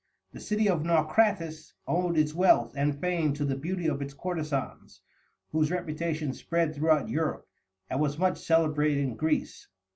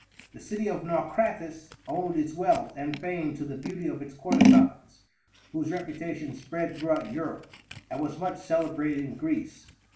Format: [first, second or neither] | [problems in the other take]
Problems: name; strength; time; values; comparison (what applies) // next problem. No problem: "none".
first | background sound (Scissors); as loud as the speech // room echo; dies away in 0.5 s